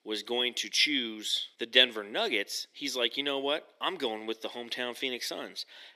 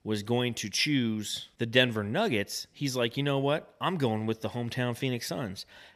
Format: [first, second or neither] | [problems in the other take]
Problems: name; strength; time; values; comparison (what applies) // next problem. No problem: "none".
second | thin; somewhat; fading below 300 Hz